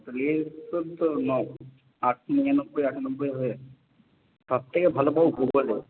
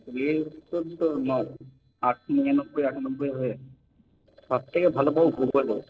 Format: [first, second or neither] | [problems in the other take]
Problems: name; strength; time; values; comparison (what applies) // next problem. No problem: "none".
first | noise reduction (neural separator model SepFormer DNS4)